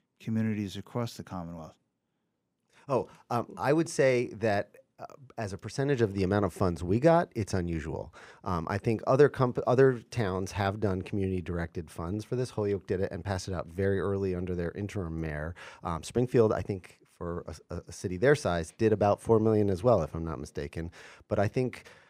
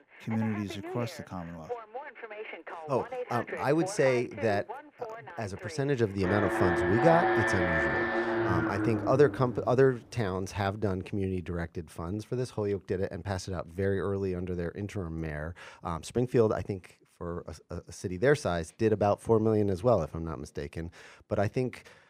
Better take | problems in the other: first | alarms or sirens; loud; until 12 s; 2 dB below the speech

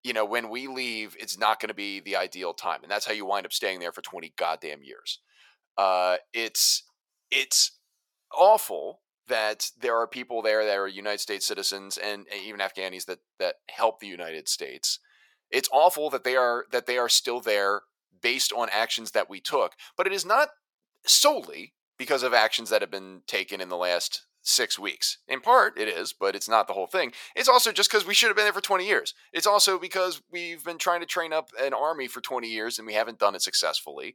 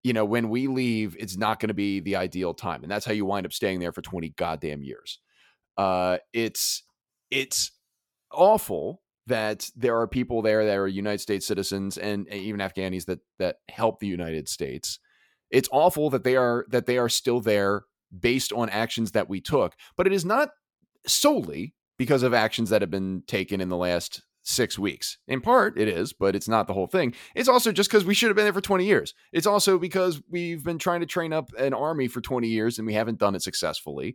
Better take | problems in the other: second | thin; very; fading below 700 Hz

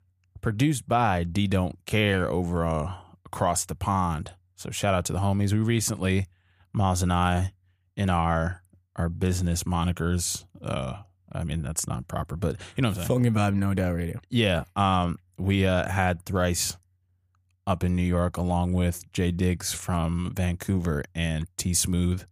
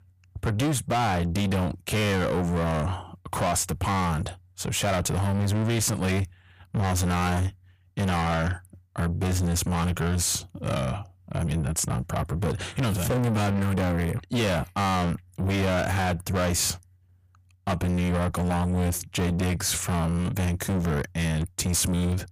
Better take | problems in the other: first | distortion; heavy; 6 dB below the speech

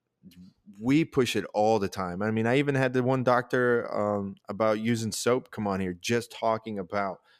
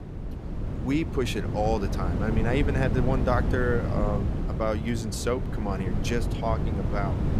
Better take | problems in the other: first | wind noise on the microphone; heavy; 7 dB below the speech

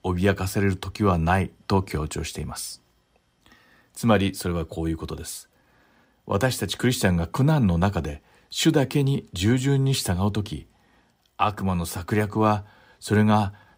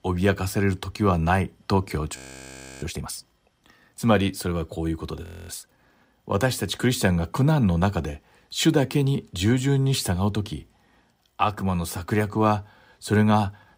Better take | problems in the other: first | audio freezing; at 2 s for 0.5 s and at 5 s

